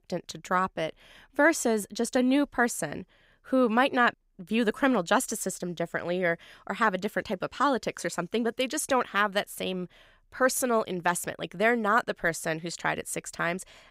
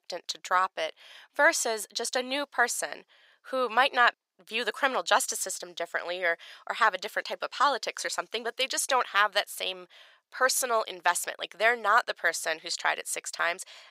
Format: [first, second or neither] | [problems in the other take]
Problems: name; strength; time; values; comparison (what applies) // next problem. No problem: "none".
first | thin; very; fading below 750 Hz